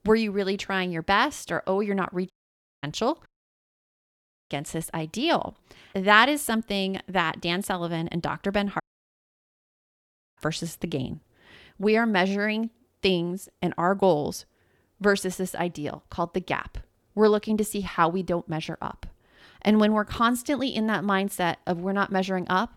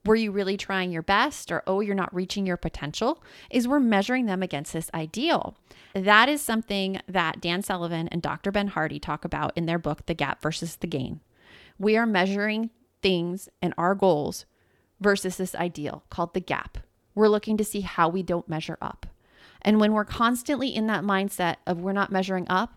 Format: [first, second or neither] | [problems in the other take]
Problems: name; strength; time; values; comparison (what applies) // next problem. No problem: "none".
second | audio cutting out; at 2.5 s for 0.5 s, at 3.5 s for 1 s and at 9 s for 1.5 s